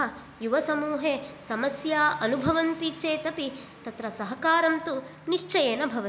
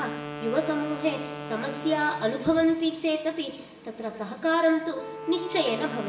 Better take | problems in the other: first | background sound (Wind instrument, woodwind instrument); 12 dB below the speech // room echo; dies away in 0.9 s

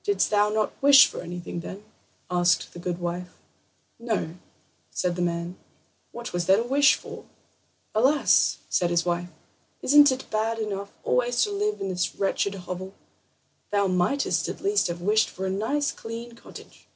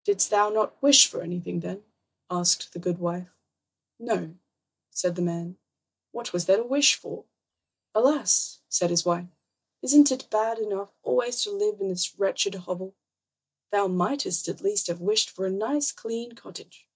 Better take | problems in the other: first | noise reduction (neural mask model DeepFilterNet 3)

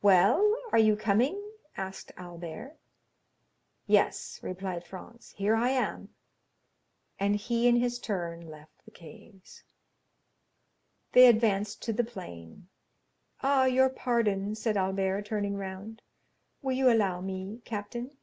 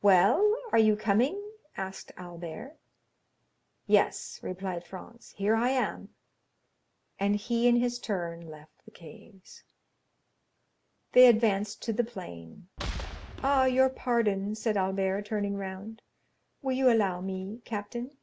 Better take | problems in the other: first | background sound (Boom); 9 dB below the speech

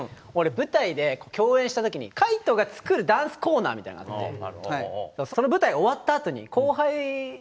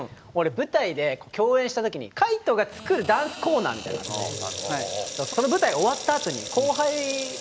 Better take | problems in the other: first | background sound (Sink (filling or washing) / Water tap, faucet); 11 dB below the speech

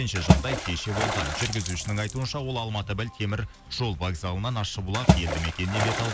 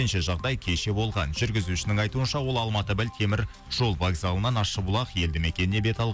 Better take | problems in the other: second | background sound (Water / Splash, splatter); as loud as the speech

